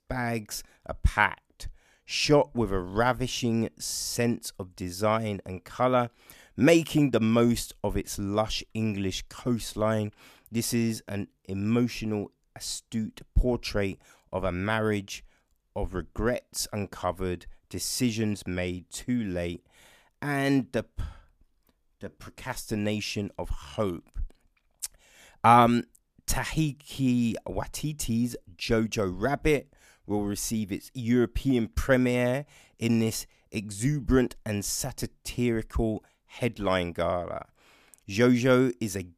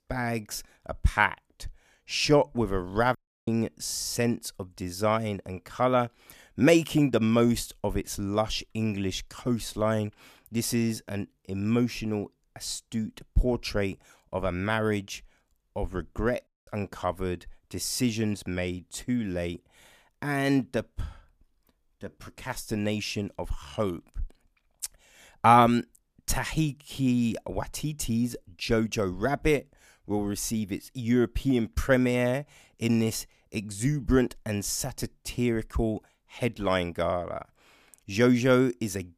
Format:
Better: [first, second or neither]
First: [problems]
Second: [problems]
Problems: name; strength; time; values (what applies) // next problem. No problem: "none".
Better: first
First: none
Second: audio cutting out; at 3 s and at 16 s